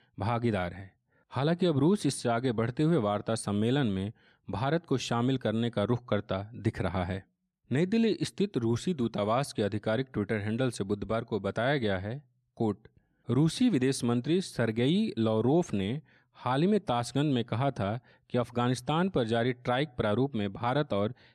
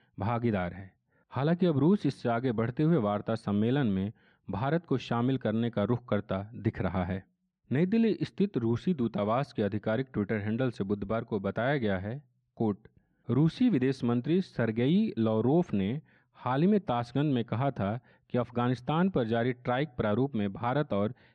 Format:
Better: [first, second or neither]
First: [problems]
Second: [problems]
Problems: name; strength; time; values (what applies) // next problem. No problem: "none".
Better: first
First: none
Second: muffled; slightly; fading above 3 kHz